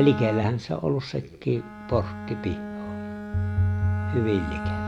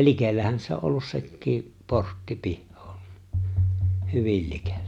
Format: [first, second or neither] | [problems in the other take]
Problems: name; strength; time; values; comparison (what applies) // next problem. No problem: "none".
second | background sound (Bowed string instrument); 9 dB below the speech